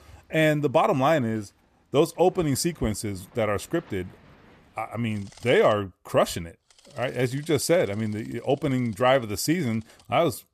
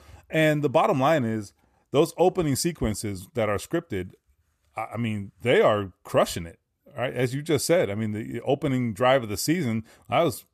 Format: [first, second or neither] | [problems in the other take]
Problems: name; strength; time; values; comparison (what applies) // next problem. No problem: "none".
second | machinery noise; faint; throughout; 30 dB below the speech